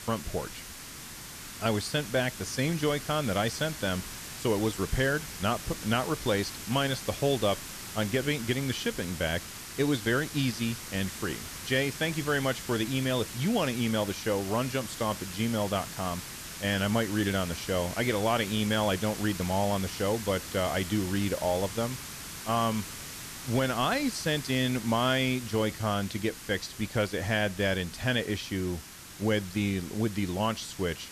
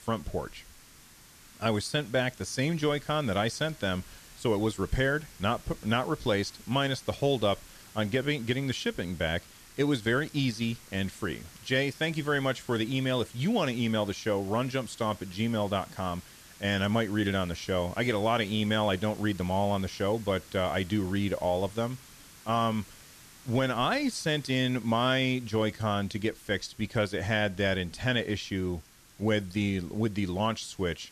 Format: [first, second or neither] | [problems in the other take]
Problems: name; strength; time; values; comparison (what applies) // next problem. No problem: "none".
second | hiss; loud; throughout; 10 dB below the speech; faint in the second